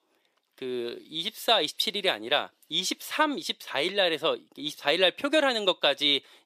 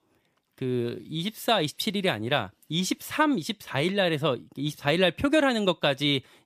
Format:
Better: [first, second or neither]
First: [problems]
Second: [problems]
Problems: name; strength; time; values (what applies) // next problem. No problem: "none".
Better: second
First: thin; somewhat; fading below 450 Hz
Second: none